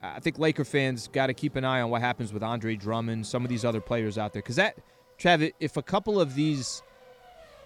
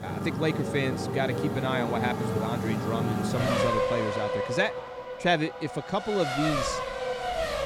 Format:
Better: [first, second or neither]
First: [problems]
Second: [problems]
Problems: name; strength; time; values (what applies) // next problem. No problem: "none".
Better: first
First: traffic noise; faint; throughout; 25 dB below the speech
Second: traffic noise; loud; throughout; as loud as the speech